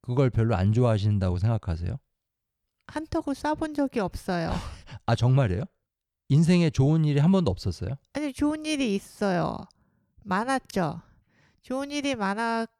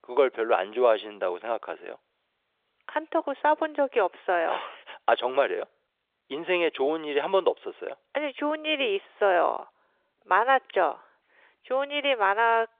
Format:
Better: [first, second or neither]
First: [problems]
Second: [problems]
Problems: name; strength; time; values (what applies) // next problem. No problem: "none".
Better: first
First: none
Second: phone-call audio; nothing above 3 kHz